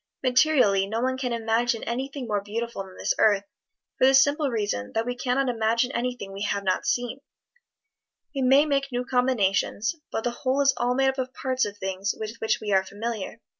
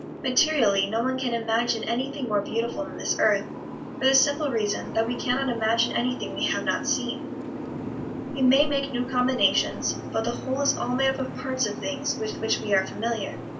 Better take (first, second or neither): first